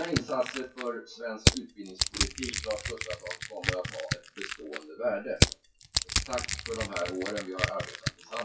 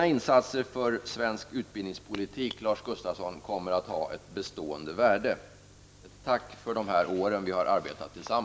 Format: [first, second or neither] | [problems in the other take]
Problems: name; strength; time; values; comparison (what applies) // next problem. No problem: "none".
second | noise reduction (classical method WPE with log-MMSE)